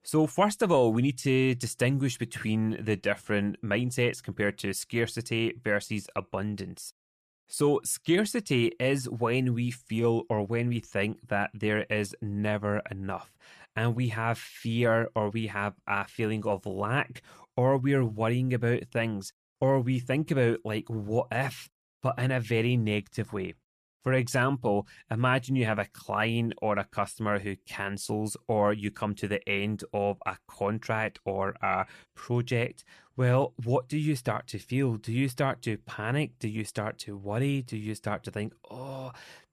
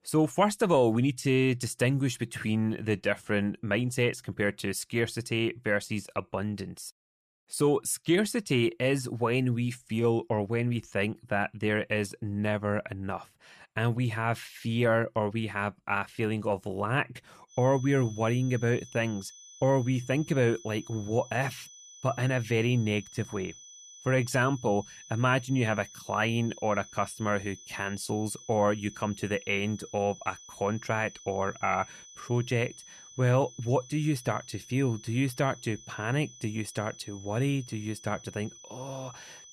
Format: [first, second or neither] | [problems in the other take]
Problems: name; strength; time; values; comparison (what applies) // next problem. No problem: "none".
first | high-pitched whine; noticeable; from 18 s on; 6 kHz, 20 dB below the speech